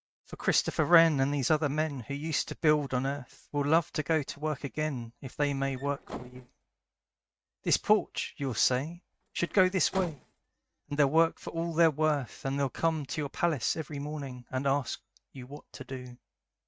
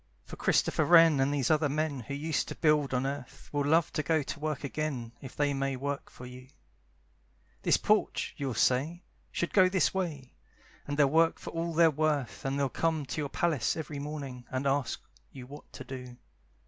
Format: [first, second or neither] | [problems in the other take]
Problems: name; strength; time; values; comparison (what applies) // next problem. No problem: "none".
second | noise reduction (neural mask model RNNoise)